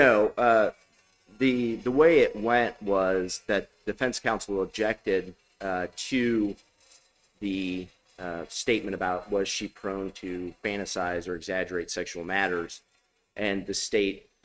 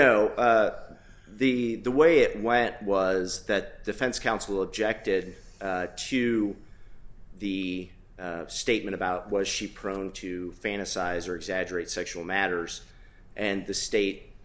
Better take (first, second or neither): second